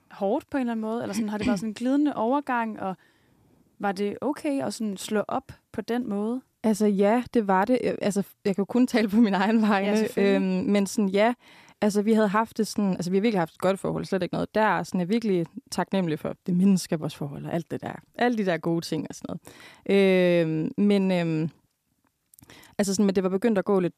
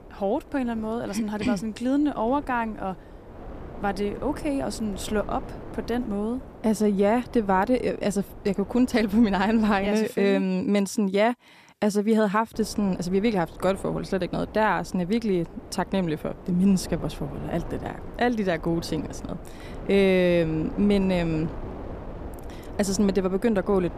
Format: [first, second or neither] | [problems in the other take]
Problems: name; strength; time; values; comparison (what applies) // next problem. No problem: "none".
first | wind noise on the microphone; occasional gusts; until 10 s and from 13 s on; 15 dB below the speech